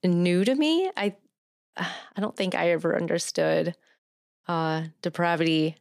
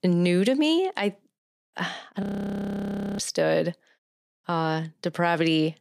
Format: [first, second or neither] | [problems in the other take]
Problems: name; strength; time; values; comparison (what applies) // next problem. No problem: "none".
first | audio freezing; at 2 s for 1 s